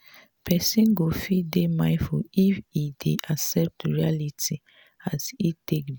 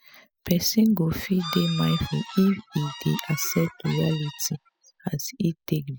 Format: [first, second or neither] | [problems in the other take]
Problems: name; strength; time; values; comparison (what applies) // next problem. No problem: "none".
first | noise reduction (classical method spectral subtraction)